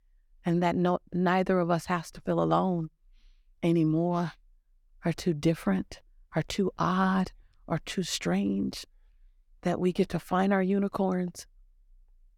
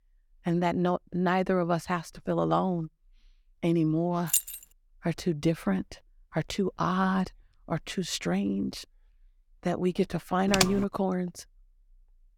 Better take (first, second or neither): first